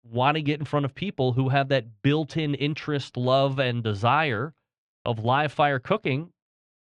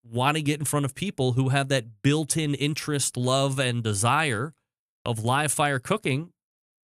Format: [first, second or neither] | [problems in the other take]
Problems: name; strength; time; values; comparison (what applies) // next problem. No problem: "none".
second | muffled; slightly; fading above 4 kHz